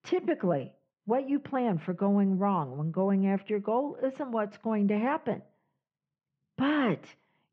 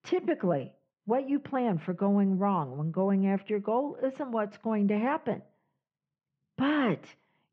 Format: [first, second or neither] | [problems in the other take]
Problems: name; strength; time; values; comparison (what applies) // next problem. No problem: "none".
neither | muffled; very; fading above 3.5 kHz; the same in both